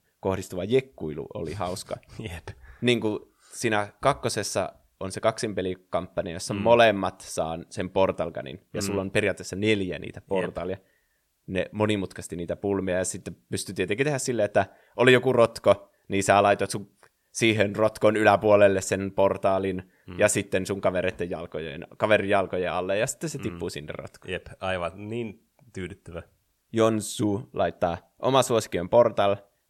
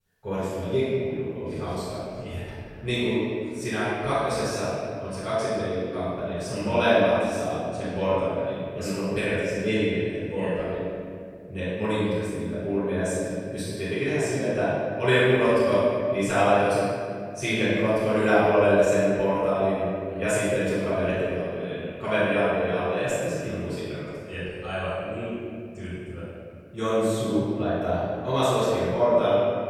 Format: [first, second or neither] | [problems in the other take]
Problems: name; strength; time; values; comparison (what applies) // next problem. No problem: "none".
first | off-mic speech; far // room echo; strong; dies away in 2.2 s